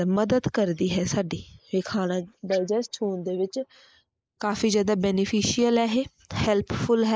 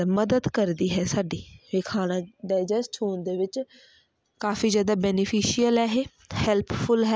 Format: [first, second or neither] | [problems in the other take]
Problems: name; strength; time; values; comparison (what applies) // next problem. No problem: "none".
second | noise reduction (neural mask model Resemble Enhance denoiser)